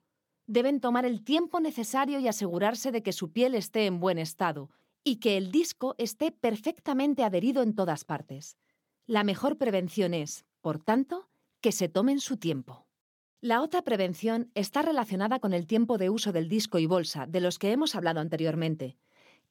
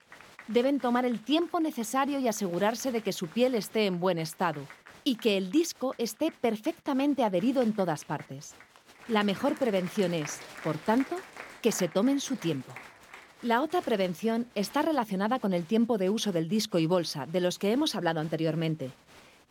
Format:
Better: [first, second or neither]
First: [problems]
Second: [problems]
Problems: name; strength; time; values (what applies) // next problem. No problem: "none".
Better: first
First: none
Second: crowd noise; noticeable; throughout; 20 dB below the speech